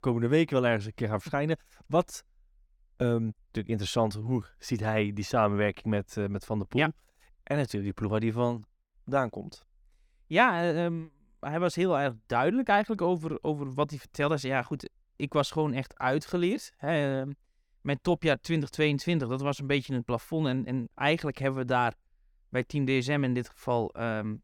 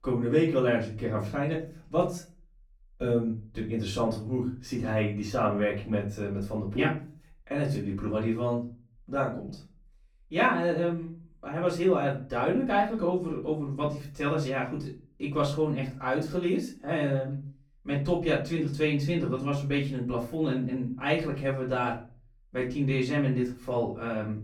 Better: first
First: none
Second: off-mic speech; far // room echo; slight; dies away in 0.3 s

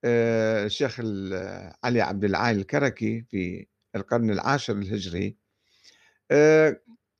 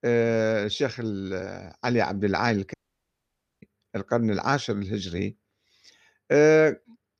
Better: first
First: none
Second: audio cutting out; at 2.5 s for 1 s

